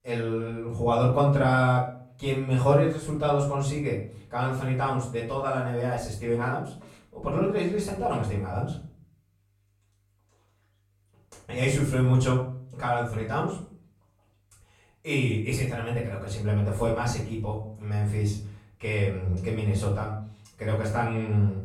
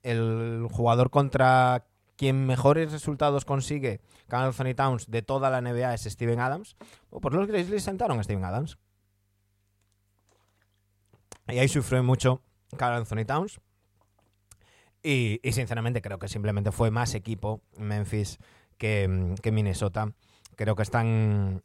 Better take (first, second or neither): second